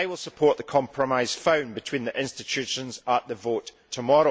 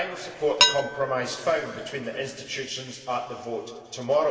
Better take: first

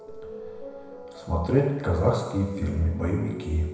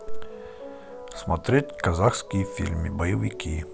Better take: second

